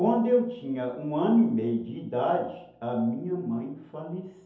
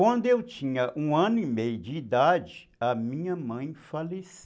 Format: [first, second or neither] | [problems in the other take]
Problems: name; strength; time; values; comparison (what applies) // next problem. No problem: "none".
second | room echo; dies away in 2.2 s